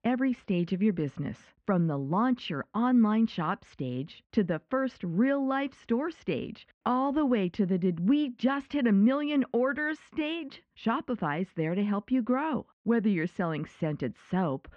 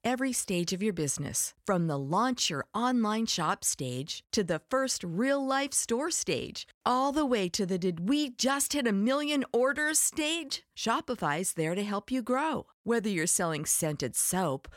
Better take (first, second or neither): second